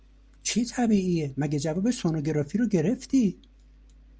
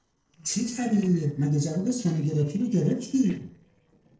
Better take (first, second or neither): first